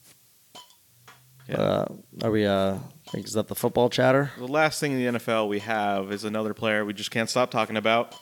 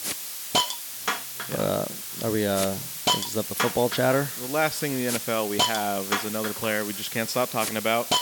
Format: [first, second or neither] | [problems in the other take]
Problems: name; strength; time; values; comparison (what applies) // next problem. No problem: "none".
first | hiss; loud; throughout; 1 dB below the speech; faint in the first